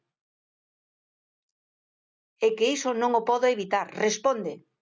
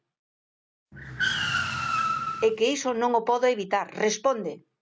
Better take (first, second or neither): first